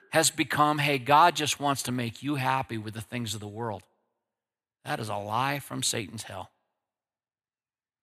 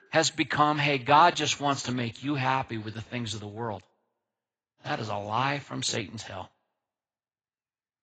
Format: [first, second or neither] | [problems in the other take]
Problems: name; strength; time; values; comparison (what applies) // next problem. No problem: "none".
first | garbled, watery; badly; nothing above 7.5 kHz